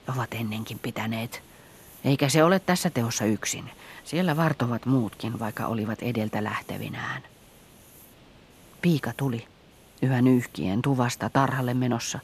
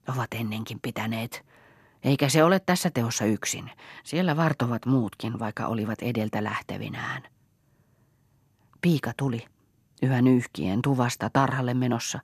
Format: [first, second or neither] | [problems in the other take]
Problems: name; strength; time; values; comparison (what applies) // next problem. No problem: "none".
second | hiss; faint; throughout; 25 dB below the speech